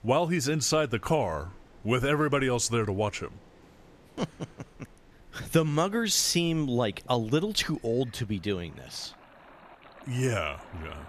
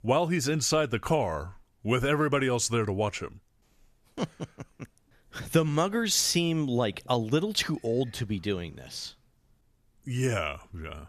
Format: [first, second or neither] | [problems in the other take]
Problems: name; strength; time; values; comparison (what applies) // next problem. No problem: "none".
second | rain or running water; faint; throughout; 25 dB below the speech